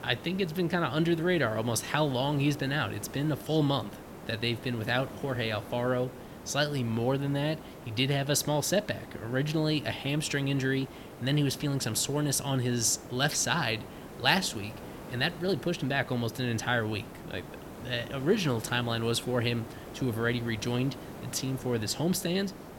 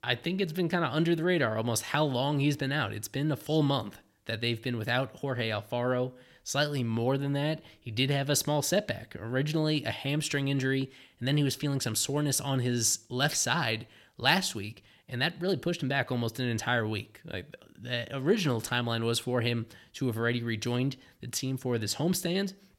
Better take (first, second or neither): second